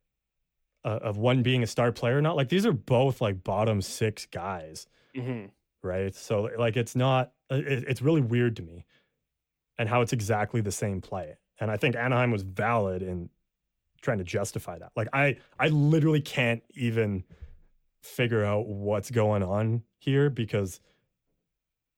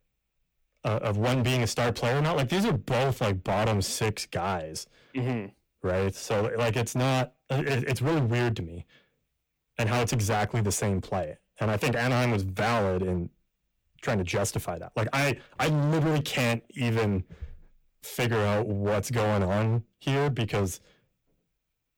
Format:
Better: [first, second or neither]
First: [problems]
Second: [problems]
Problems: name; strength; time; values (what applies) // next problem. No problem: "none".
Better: first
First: none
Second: distortion; heavy; 22% of the sound clipped